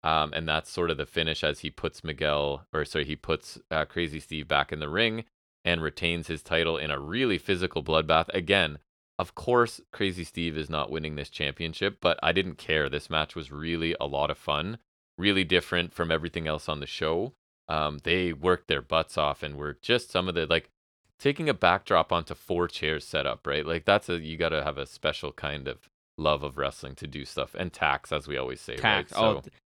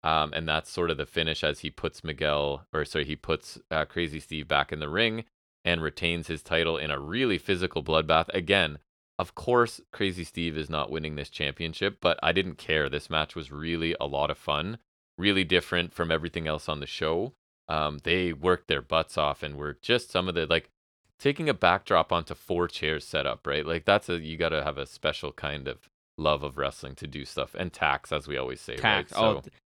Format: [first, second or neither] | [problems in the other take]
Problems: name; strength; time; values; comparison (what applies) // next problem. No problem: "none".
neither | none